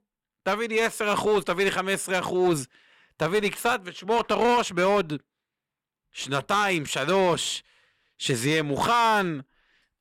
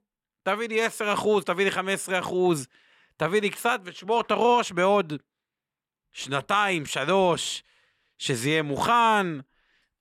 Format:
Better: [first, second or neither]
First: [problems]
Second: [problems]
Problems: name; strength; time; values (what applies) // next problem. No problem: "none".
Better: second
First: distortion; slight; 6% of the sound clipped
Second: none